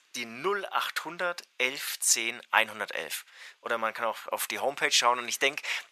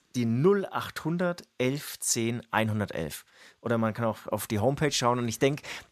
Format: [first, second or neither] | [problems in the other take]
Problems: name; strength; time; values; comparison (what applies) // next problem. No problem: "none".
second | thin; very; fading below 750 Hz